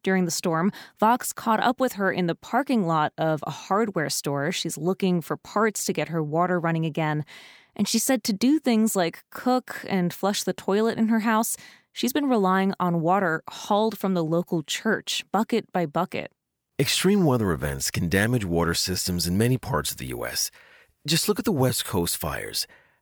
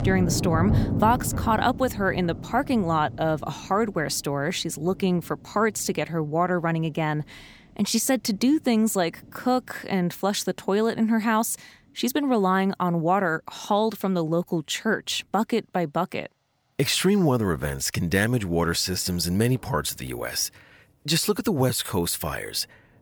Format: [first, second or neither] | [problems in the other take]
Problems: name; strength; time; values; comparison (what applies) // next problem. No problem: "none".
first | rain or running water; loud; throughout; 6 dB below the speech